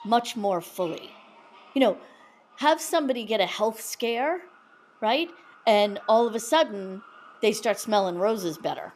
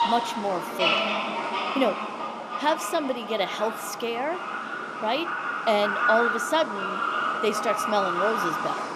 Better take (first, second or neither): first